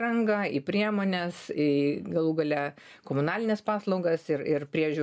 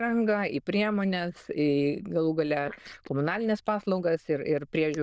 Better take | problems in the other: first | noise reduction (neural diffusion model UNIVERSE++)

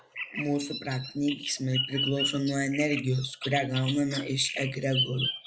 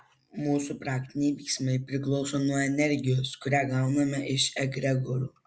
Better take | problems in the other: second | background sound (Bird vocalization, bird call, bird song); 6 dB below the speech

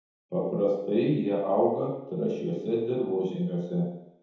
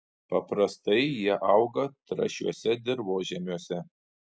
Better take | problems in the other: second | room echo; dies away in 0.9 s

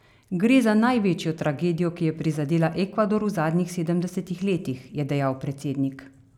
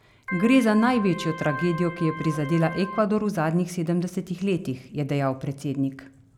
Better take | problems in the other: first | background sound (Organ); 10 dB below the speech

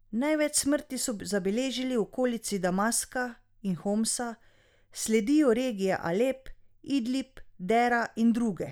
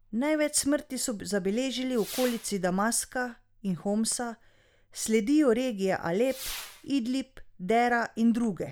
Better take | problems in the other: first | background sound (Whoosh, swoosh, swish / Fireworks); 20 dB below the speech

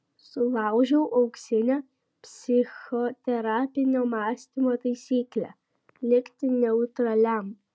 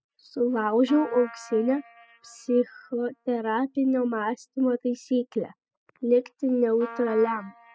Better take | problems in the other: first | noise reduction (classical method spectral subtraction)

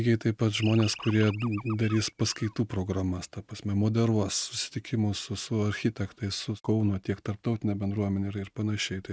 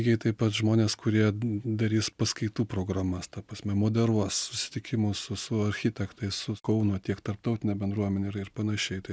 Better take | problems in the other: second | noise reduction (neural mask model RNNoise)

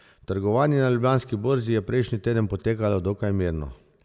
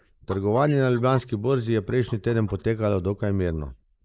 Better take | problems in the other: first | noise reduction (neural mask model Resemble Enhance denoiser)

